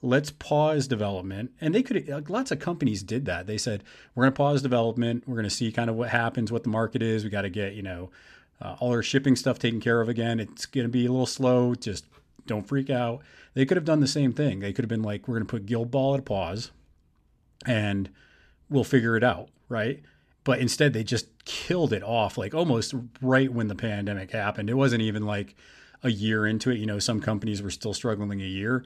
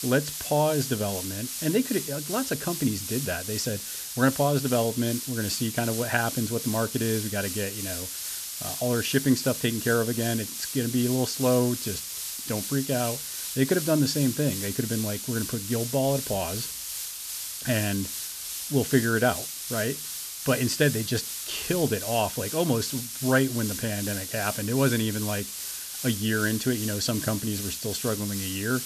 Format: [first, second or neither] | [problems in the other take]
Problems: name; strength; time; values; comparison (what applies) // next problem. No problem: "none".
first | hiss; loud; throughout; 5 dB below the speech